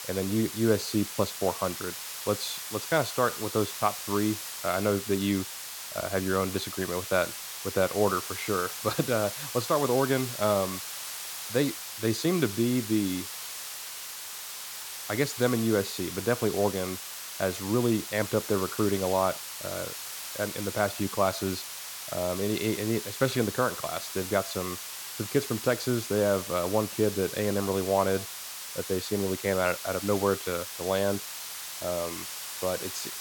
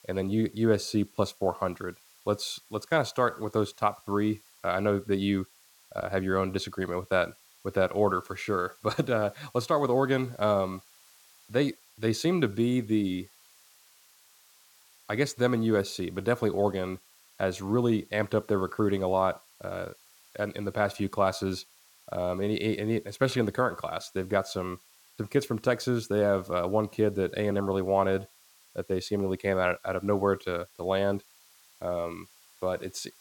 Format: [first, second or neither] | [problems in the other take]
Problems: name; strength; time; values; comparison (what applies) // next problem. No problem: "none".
second | hiss; loud; throughout; 7 dB below the speech; faint in the second